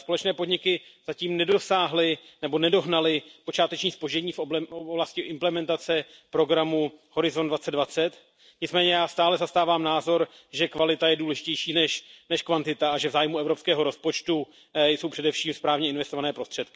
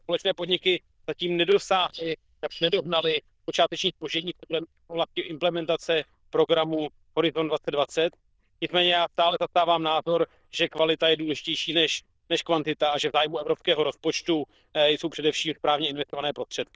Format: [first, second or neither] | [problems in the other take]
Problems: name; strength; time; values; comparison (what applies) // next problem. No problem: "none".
first | noise reduction (neural diffusion model UNIVERSE++)